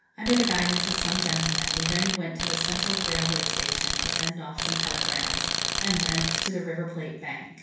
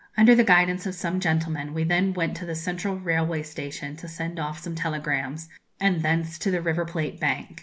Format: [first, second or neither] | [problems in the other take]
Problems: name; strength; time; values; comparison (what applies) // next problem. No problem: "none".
second | background sound (Tools); 4 dB above the speech // room echo; dies away in 0.7 s